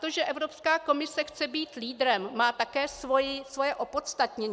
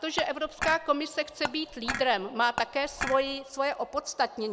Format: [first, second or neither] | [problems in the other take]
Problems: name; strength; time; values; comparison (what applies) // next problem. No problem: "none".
first | background sound (Dishes, pots, and pans / Chink, clink); 8 dB below the speech